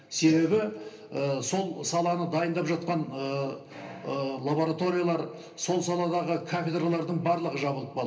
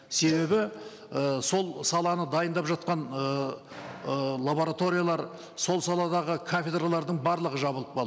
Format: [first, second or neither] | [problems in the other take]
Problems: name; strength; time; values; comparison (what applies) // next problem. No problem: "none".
second | room echo; dies away in 0.3 s